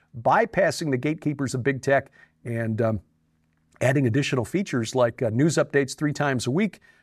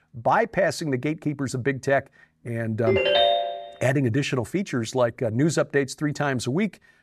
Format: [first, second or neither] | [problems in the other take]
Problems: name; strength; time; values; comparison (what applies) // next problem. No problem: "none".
first | phone ringing; loud; at 3 s; peak 6 dB above the speech